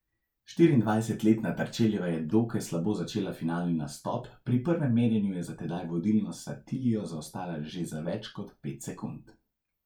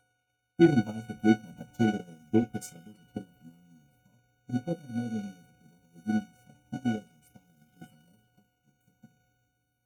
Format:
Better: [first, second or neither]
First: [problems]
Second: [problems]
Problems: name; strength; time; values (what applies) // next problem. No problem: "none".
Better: first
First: none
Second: noise reduction (neural mask model RNNoise)